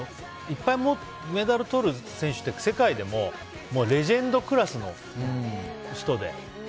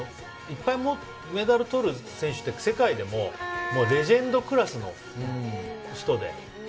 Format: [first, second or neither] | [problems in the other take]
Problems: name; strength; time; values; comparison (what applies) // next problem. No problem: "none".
first | background sound (Wind instrument, woodwind instrument); 7 dB below the speech // room echo; dies away in 0.3 s